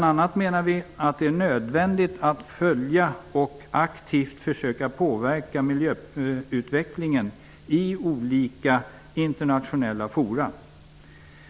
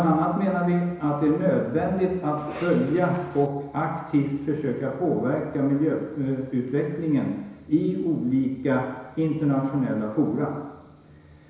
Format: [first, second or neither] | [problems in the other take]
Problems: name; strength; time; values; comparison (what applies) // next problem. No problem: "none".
first | background sound (Cough); 15 dB below the speech // room echo; dies away in 1 s